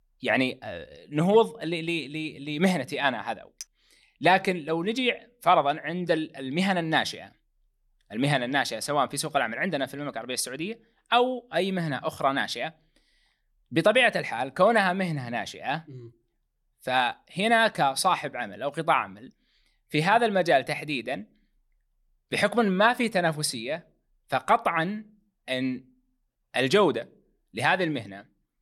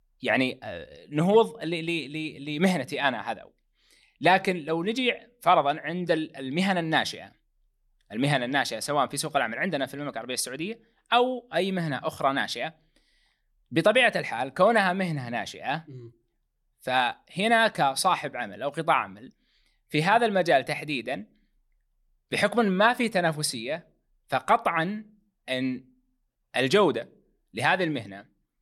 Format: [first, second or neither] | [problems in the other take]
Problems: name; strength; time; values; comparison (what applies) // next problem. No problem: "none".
second | clattering dishes; very faint; at 3.5 s; peak 20 dB below the speech